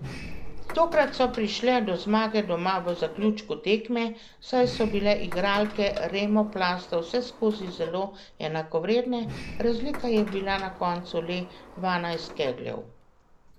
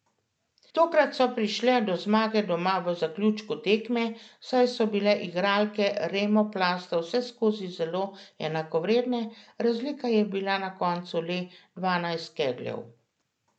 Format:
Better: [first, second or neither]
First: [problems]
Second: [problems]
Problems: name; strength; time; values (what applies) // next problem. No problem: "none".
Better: second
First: background sound (Sliding door); 11 dB below the speech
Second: none